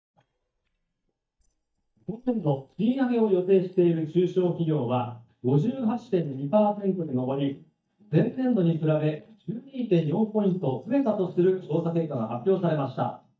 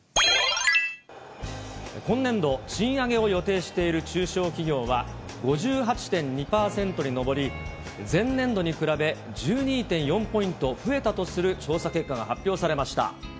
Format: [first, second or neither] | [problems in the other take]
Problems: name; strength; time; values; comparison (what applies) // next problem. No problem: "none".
second | noise reduction (neural mask model DeepFilterNet 3)